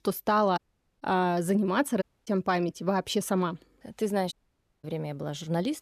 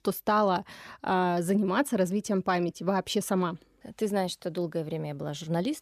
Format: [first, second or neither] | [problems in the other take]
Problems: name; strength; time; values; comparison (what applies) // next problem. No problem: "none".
second | audio cutting out; at 0.5 s, at 2 s and at 4.5 s for 0.5 s